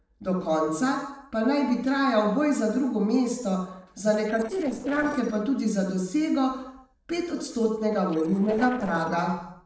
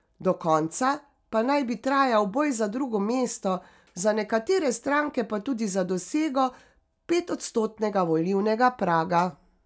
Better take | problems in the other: second | noise reduction (neural separator model SepFormer DNS4)

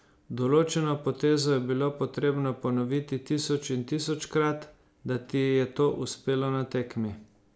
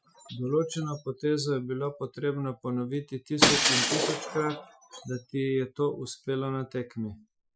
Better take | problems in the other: first | noise reduction (classical method Wiener filter)

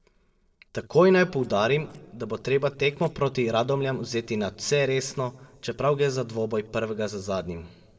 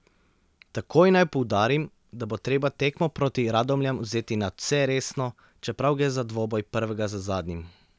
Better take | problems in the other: second | noise reduction (neural separator model SepFormer DNS4)

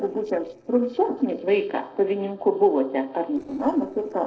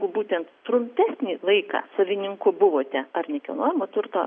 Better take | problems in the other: second | noise reduction (neural separator model SepFormer DNS4)

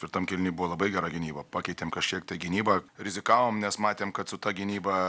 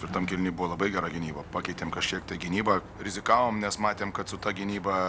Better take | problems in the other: first | background sound (Sliding door); 14 dB below the speech

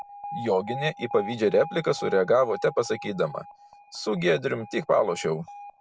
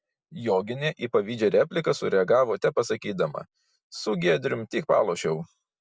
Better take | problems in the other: second | background sound (Alarm); 14 dB below the speech

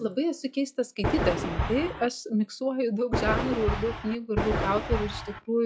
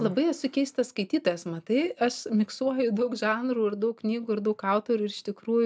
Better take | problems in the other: second | noise reduction (classical method log-MMSE)

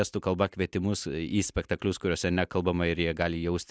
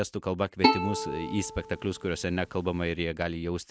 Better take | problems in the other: first | background sound (Bowed string instrument); as loud as the speech

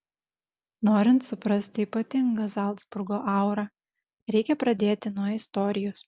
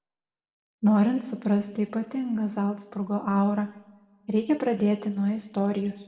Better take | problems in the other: first | room echo; dies away in 0.7 s

